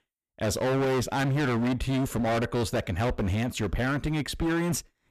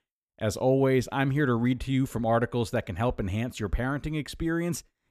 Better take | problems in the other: second | distortion; heavy; 29% of the sound clipped

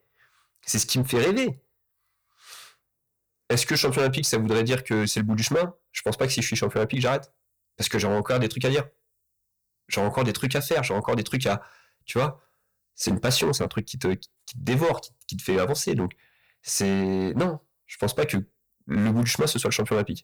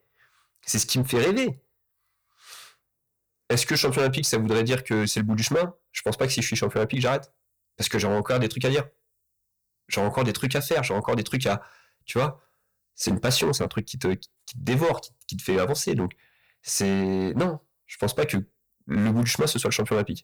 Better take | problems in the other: neither | distortion; slight; 8% of the sound clipped; the same in both

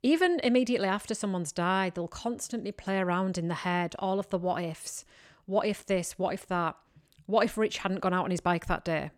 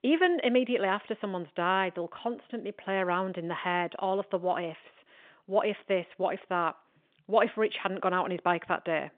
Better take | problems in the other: first | phone-call audio

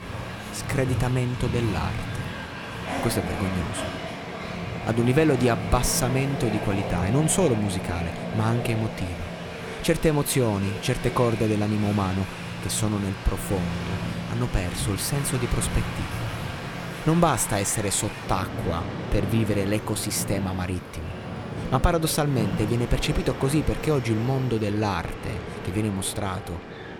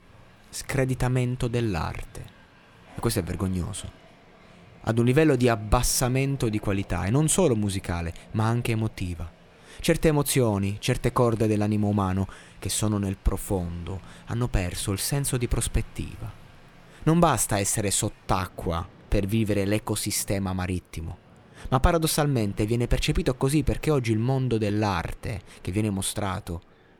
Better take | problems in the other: second | train or aircraft noise; loud; throughout; 7 dB below the speech; faint in the second

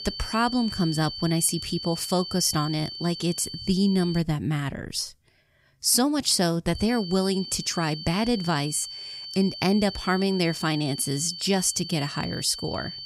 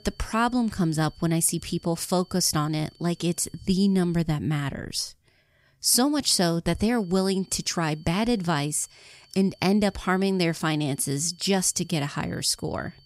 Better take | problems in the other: second | high-pitched whine; loud; until 4 s and from 7 s on; 4.5 kHz, 9 dB below the speech; faint in the second

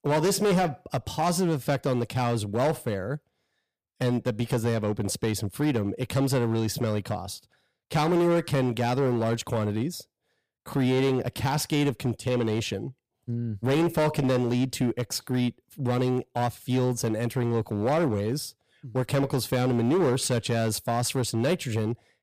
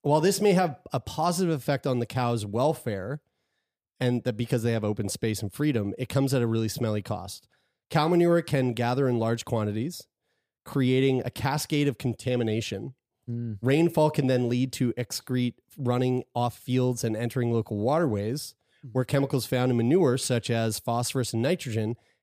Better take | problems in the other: second | distortion; slight; 9% of the sound clipped

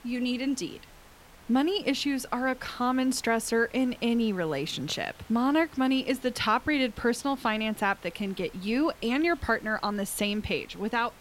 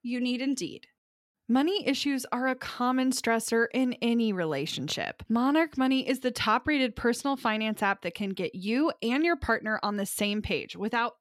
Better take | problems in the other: second | hiss; faint; throughout; 25 dB below the speech

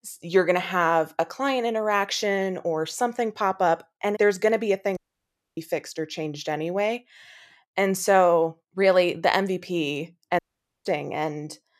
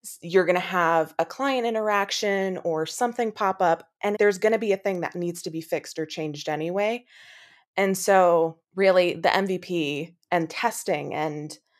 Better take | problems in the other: second | audio cutting out; at 5 s for 0.5 s and at 10 s

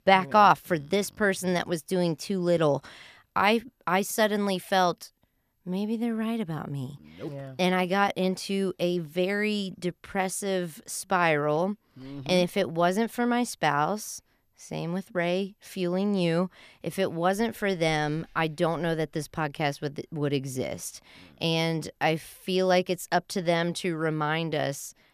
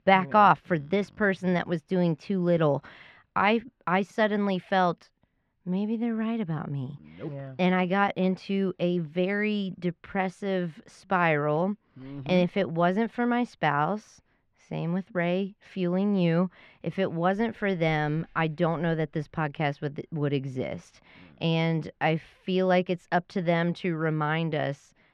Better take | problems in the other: first | muffled; slightly; fading above 2.5 kHz

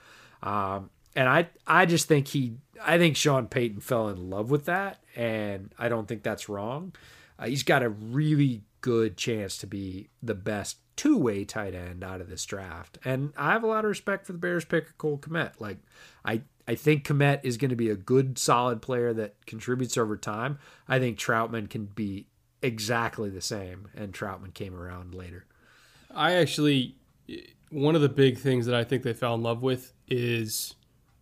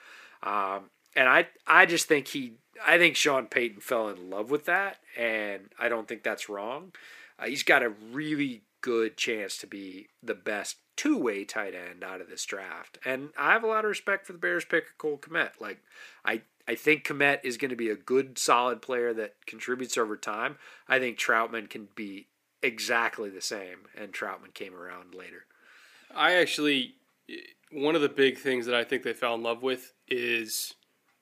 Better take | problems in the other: first | thin; somewhat; fading below 300 Hz

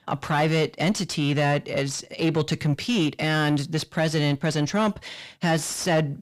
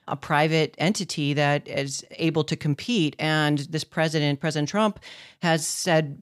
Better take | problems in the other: second | distortion; slight; 10 dB below the speech

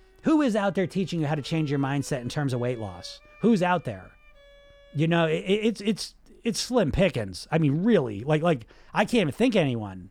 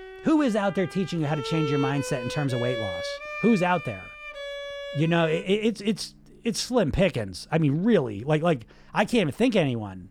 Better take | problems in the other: first | background music; loud; throughout; 9 dB below the speech; faint in the first

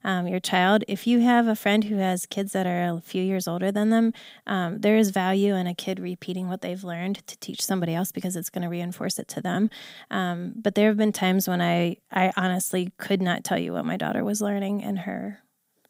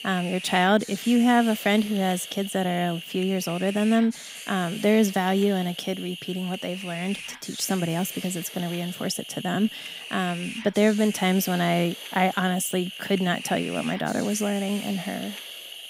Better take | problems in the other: first | hiss; noticeable; throughout; 10 dB below the speech

